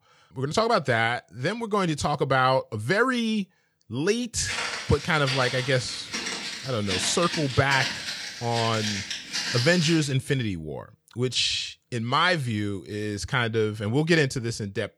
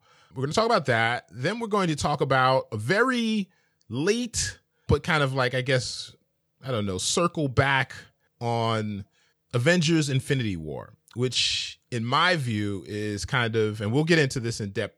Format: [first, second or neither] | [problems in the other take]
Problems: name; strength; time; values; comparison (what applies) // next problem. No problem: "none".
second | footsteps; noticeable; from 4.5 to 10 s; peak 1 dB below the speech